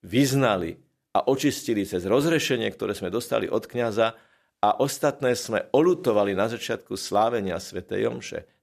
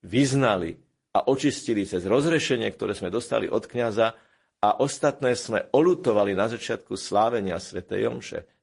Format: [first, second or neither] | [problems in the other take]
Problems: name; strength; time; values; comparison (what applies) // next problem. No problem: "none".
first | garbled, watery; slightly; nothing above 10.5 kHz